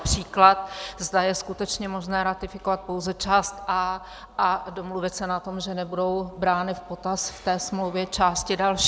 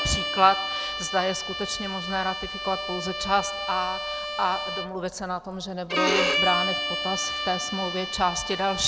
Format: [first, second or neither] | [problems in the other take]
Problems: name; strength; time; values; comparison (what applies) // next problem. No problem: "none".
first | background sound (Bowed string instrument); 2 dB below the speech